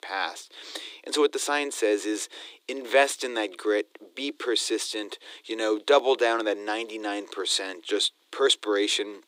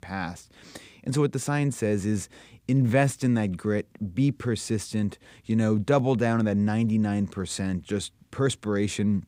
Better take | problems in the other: second | thin; very; fading below 300 Hz

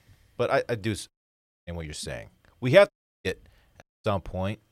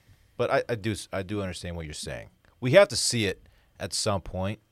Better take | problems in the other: second | audio cutting out; at 1 s for 0.5 s, at 3 s and at 4 s

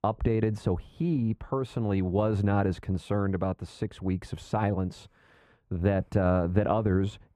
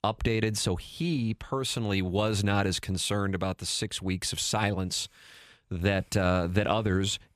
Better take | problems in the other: second | muffled; very; fading above 2 kHz

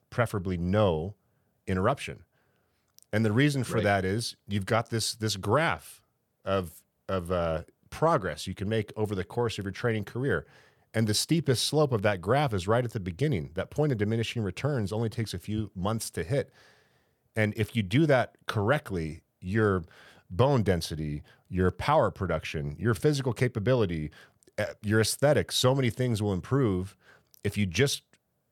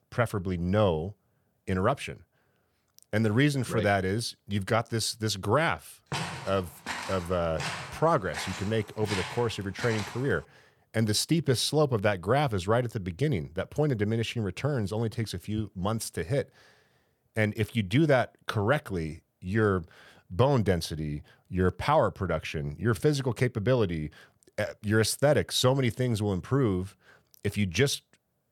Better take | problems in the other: first | footsteps; noticeable; from 6 to 10 s; peak 5 dB below the speech

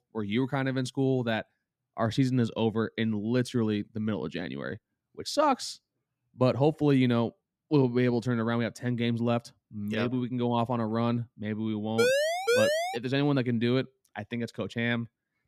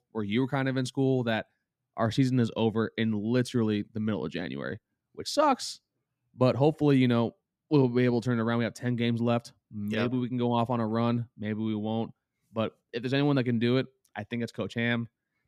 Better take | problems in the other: second | siren; loud; at 12 s; peak 4 dB above the speech

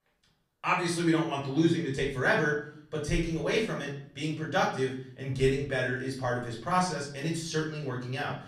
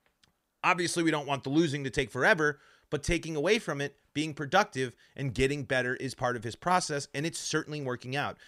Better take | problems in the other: second | off-mic speech; far // room echo; slight; dies away in 0.6 s

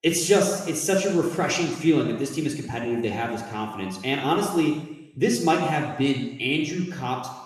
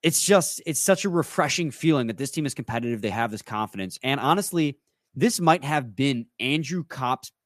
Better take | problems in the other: second | room echo; noticeable; dies away in 1 s // off-mic speech; somewhat distant

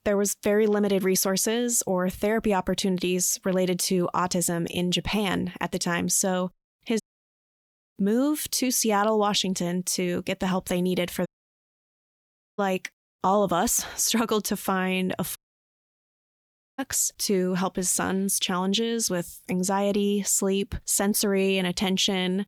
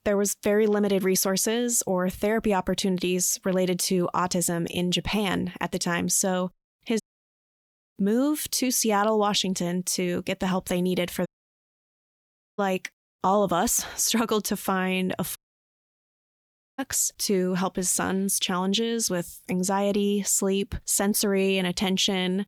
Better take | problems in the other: neither | audio cutting out; at 7 s for 1 s, at 11 s for 1.5 s and at 15 s for 1.5 s; the same in both

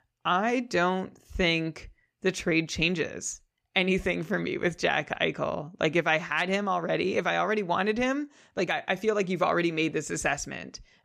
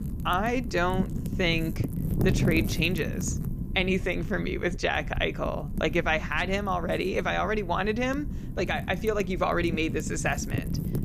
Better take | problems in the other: first | wind noise on the microphone; occasional gusts; 15 dB below the speech

